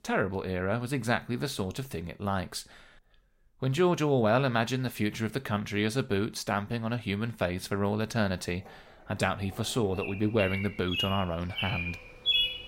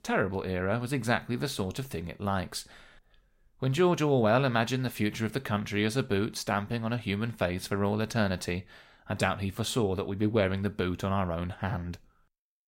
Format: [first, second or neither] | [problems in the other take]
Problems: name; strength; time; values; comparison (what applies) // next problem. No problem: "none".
second | animal sounds; loud; from 8.5 s on; 2 dB below the speech